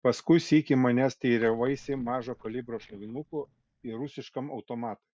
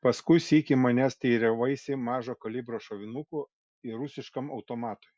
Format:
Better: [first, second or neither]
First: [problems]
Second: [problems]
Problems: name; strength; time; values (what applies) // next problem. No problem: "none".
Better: second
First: noise reduction (neural mask model DeepFilterNet 3)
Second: none